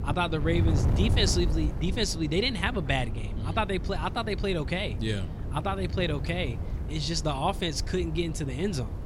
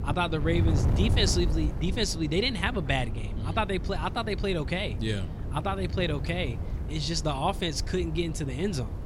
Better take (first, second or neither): neither